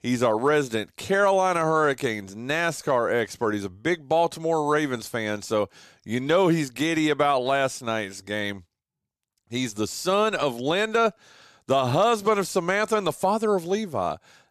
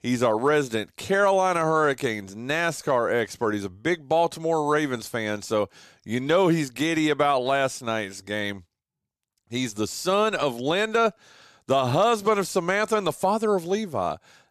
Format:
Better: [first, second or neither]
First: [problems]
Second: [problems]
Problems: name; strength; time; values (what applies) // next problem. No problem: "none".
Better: neither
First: none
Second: none